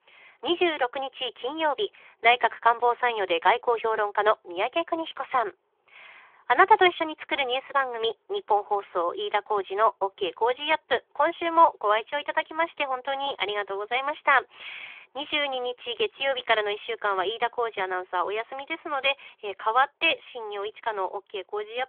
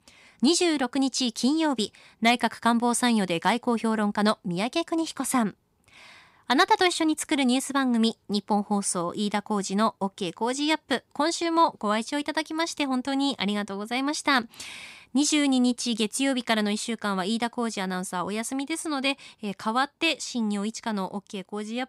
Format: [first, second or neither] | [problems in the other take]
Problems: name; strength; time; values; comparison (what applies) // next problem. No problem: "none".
second | phone-call audio; nothing above 3.5 kHz